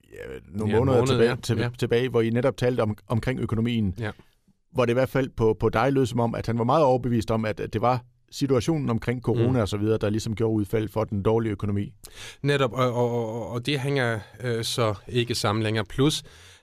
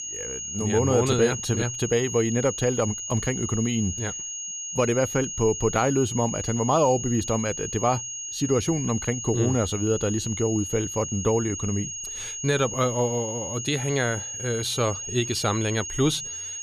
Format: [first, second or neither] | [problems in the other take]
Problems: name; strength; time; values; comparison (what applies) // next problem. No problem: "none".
first | high-pitched whine; loud; throughout; 6.5 kHz, 6 dB below the speech